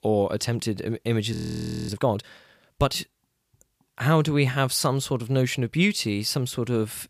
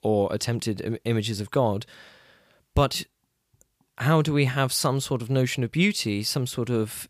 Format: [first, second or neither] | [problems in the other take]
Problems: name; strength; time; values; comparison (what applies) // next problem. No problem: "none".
second | audio freezing; at 1.5 s for 0.5 s